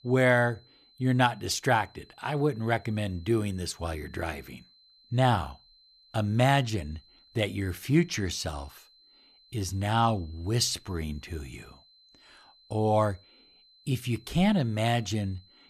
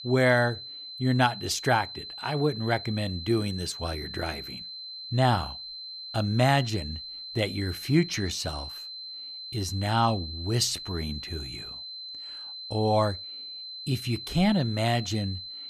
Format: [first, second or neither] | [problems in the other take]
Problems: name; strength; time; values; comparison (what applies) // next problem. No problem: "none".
first | high-pitched whine; loud; throughout; 4 kHz, 10 dB below the speech; faint in the first